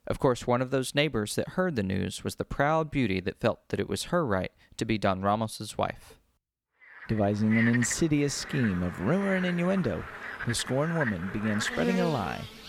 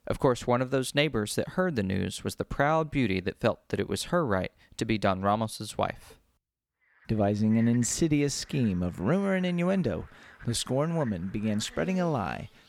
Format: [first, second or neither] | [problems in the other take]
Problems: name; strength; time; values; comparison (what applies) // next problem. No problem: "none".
second | animal sounds; loud; from 7.5 s on; 7 dB below the speech; faint in the second